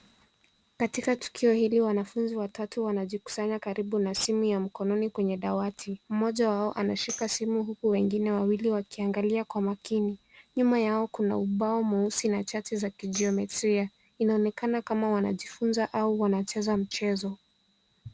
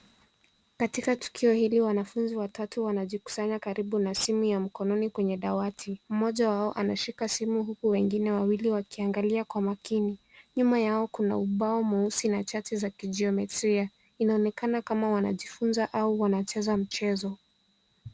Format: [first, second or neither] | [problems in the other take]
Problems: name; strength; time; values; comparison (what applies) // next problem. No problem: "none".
second | background sound (Tambourine); 17 dB below the speech